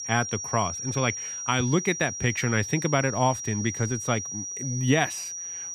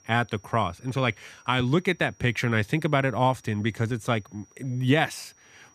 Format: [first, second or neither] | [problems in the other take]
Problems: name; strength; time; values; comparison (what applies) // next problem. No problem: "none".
second | high-pitched whine; loud; throughout; 6 kHz, 6 dB below the speech; faint in the second